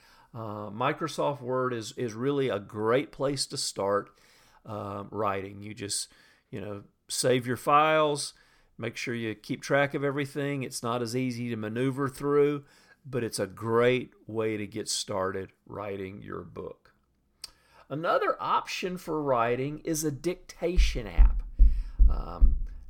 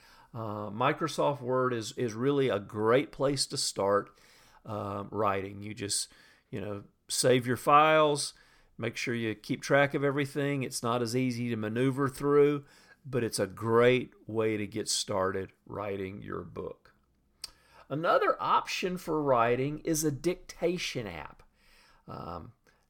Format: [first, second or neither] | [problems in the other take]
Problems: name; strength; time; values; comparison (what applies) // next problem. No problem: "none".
second | door banging; loud; from 21 s on; peak 3 dB above the speech